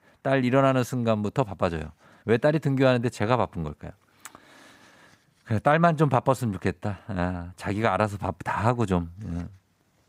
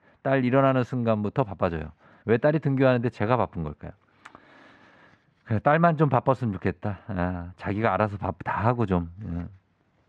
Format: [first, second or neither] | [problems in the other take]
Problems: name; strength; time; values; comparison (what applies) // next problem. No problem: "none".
first | muffled; slightly; fading above 2.5 kHz